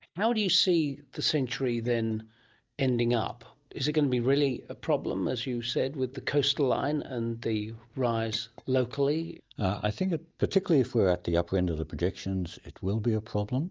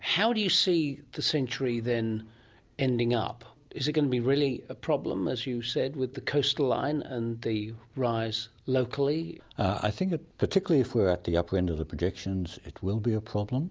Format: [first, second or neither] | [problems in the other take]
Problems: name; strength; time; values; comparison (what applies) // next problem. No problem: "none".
second | noise reduction (neural mask model DeepFilterNet 3)